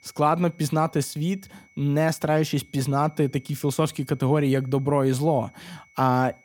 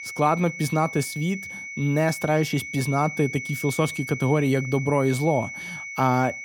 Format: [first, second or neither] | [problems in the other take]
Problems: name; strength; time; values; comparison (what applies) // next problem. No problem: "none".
first | high-pitched whine; loud; throughout; 2 kHz, 9 dB below the speech; faint in the first